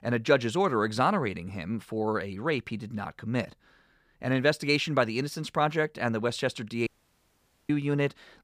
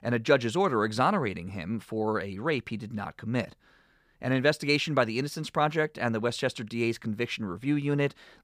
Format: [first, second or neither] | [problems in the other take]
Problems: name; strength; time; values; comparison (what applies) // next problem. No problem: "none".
second | audio cutting out; at 7 s for 1 s